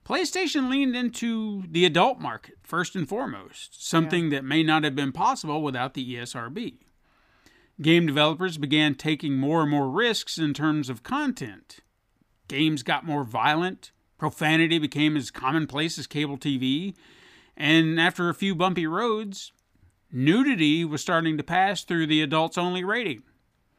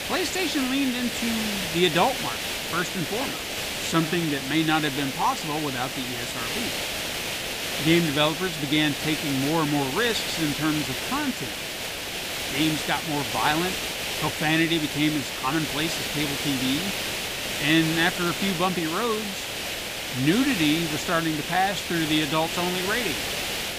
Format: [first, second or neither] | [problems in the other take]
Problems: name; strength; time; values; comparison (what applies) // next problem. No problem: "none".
first | hiss; loud; throughout; 2 dB below the speech